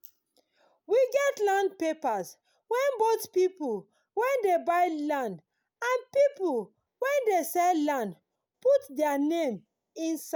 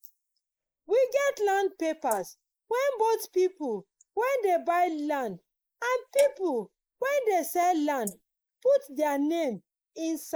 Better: first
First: none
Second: noise reduction (neural mask model Resemble Enhance denoiser)

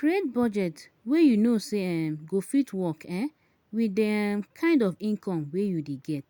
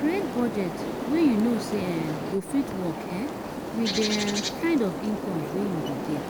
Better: first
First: none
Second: background sound (Bird); 4 dB below the speech

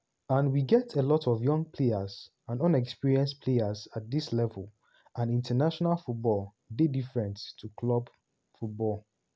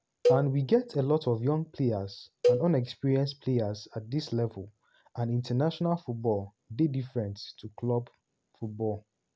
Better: first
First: none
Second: background sound (Cowbell); 2 dB below the speech

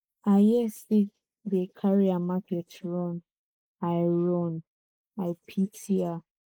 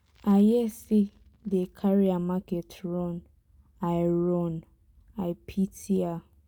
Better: second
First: noise reduction (neural mask model Resemble Enhance denoiser)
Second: none

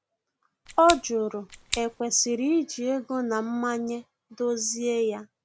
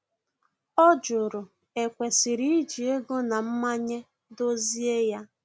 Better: second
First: background sound (Scissors); 8 dB below the speech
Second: none

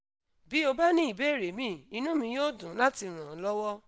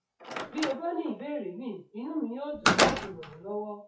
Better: first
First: none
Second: noise reduction (classical method WPE with log-MMSE)

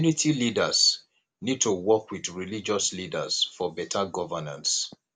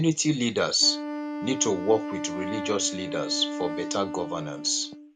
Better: first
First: none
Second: background sound (Wind instrument, woodwind instrument); 7 dB below the speech

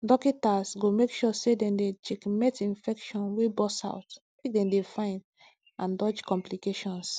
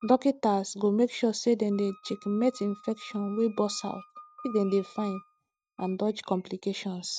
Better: first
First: none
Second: noise reduction (neural mask model RNNoise)

